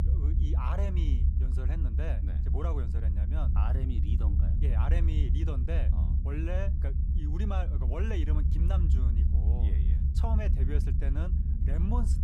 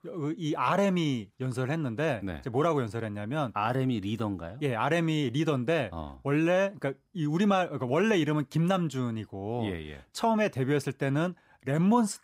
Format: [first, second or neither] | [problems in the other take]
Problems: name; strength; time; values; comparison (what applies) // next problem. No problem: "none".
second | low rumble; loud; throughout; 3 dB below the speech